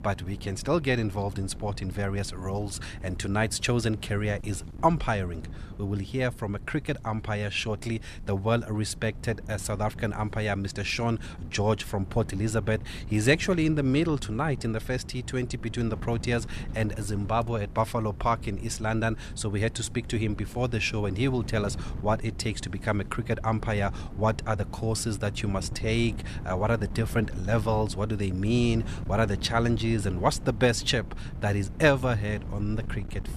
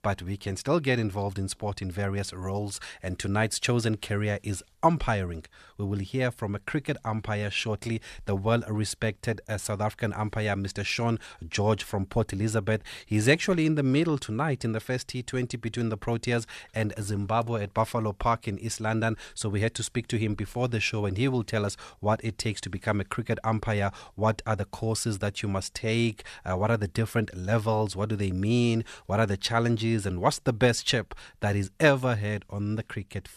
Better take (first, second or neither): second